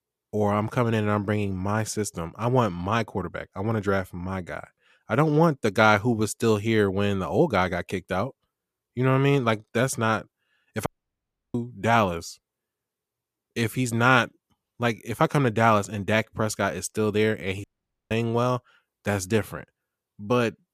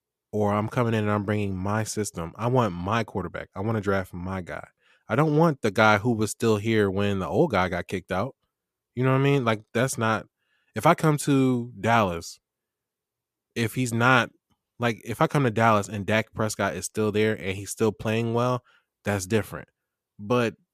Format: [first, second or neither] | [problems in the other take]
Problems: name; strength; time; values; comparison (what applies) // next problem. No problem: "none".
second | audio cutting out; at 11 s for 0.5 s and at 18 s